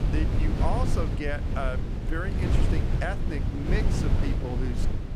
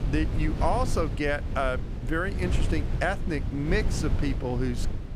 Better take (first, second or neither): second